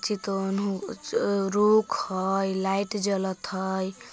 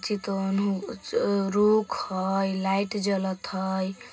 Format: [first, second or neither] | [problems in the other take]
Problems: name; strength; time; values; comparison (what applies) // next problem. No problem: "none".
first | room echo; dies away in 0.2 s